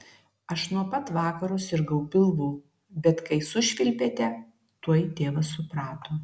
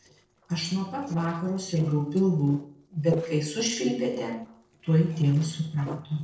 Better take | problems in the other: first | noise reduction (neural separator model SepFormer DNS4)

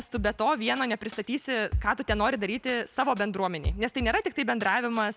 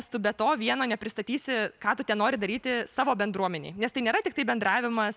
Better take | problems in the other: second | background sound (Drum kit); 10 dB below the speech

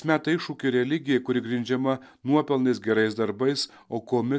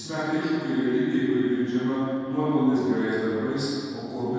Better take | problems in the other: first | room echo; dies away in 2.1 s

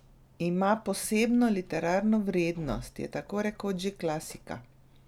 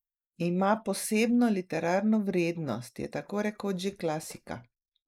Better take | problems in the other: first | noise reduction (neural mask model Resemble Enhance denoiser)

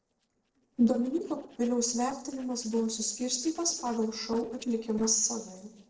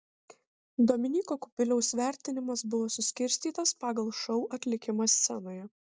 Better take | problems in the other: second | noise reduction (neural separator model SepFormer DNS4)

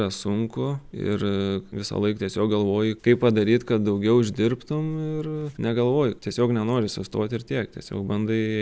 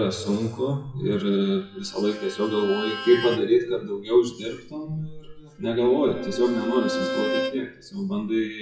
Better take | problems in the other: first | noise reduction (classical method WPE with log-MMSE)

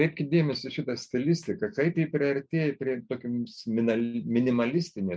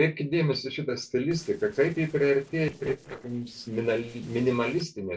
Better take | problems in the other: first | noise reduction (neural separator model SepFormer DNS4)

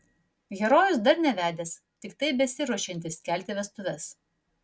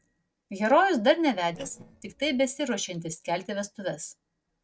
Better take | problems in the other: first | noise reduction (neural separator model SepFormer DNS4)

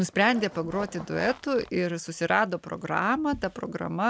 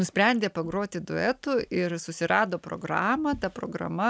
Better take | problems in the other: second | background sound (Zipper (clothing)); 17 dB below the speech

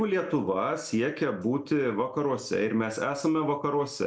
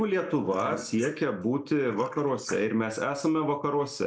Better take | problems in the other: first | noise reduction (neural mask model Resemble Enhance denoiser)

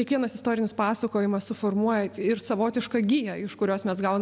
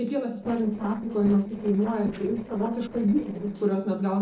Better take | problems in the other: first | noise reduction (neural separator model SepFormer DNS4)

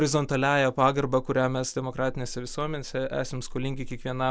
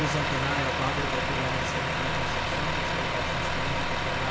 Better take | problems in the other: first | background sound (Truck); 5 dB above the speech // room echo; dies away in 1.9 s

